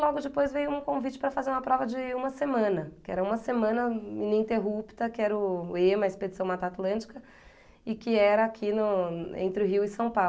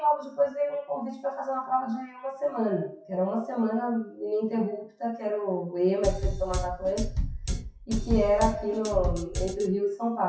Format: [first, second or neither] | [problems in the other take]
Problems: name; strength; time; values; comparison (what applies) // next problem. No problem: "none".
first | noise reduction (classical method WPE with log-MMSE)